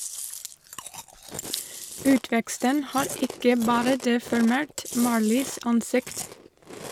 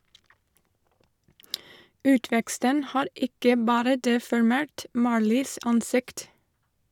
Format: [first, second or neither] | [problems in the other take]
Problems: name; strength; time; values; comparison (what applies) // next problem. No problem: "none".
second | background sound (Chewing, mastication); 12 dB below the speech